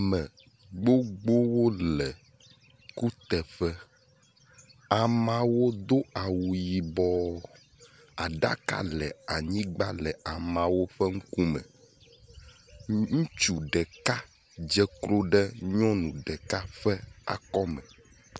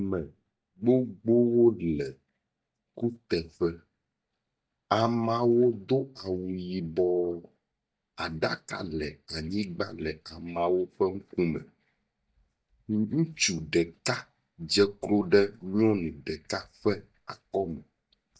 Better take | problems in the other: first | noise reduction (neural mask model DeepFilterNet 3)

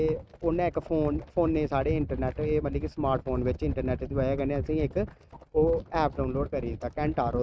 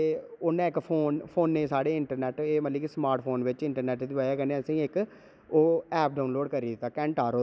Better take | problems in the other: second | noise reduction (neural mask model RNNoise)

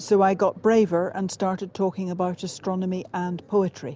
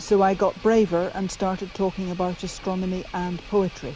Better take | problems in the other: first | background sound (Engine); 18 dB below the speech

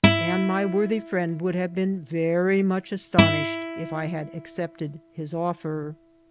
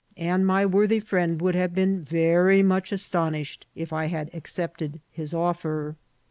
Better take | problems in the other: second | background sound (Acoustic guitar); 2 dB below the speech

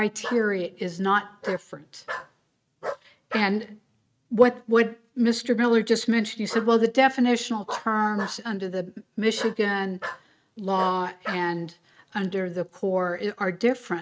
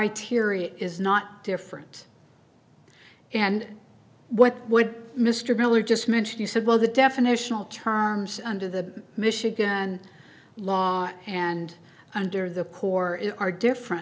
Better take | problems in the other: second | noise reduction (neural mask model RNNoise)

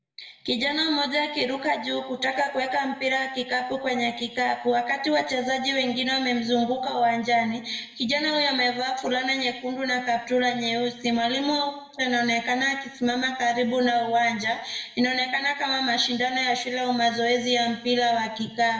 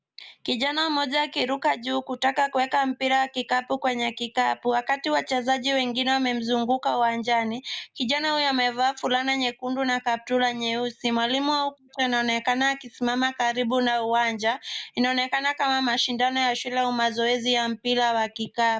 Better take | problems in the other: second | room echo; dies away in 0.8 s

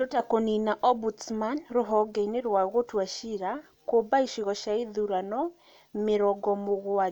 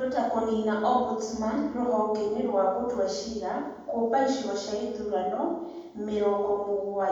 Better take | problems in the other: first | room echo; dies away in 1.2 s

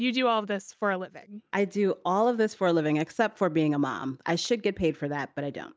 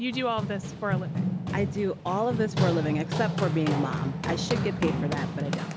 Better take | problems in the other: first | background sound (Run); 1 dB above the speech

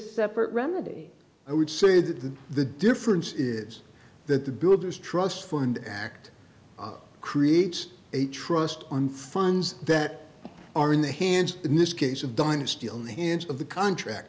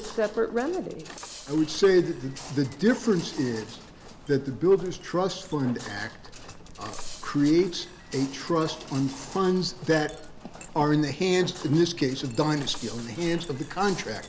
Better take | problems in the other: first | background sound (Chink, clink + Walk, footsteps); 15 dB below the speech

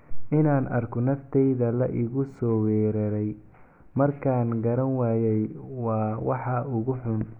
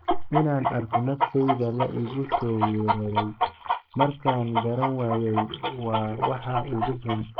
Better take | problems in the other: first | noise reduction (neural mask model Resemble Enhance denoiser)

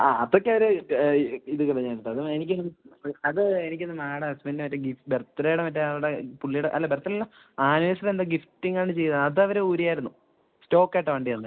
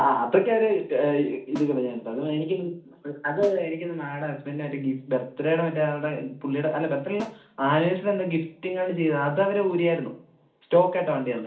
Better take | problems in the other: first | background sound (Snare drum); 19 dB below the speech // room echo; dies away in 0.4 s

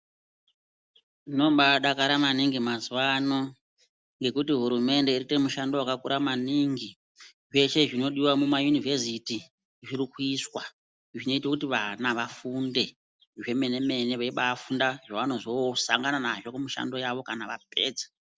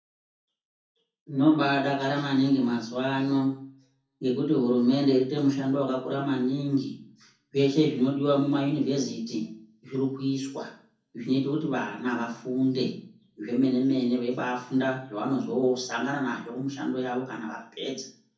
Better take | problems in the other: first | room echo; dies away in 0.6 s

